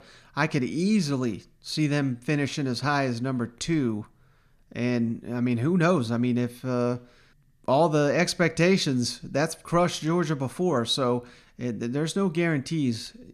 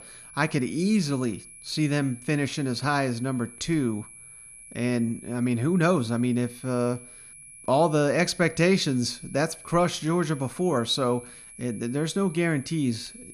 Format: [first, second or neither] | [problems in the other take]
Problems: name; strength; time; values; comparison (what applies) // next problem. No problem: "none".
first | high-pitched whine; noticeable; throughout; 10.5 kHz, 20 dB below the speech